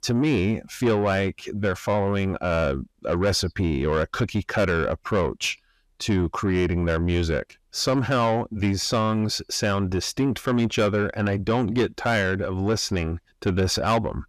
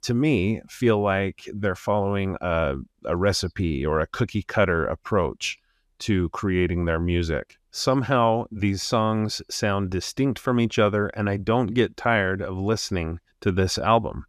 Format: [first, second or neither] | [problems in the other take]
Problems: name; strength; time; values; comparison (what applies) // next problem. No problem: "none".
second | distortion; slight; 10 dB below the speech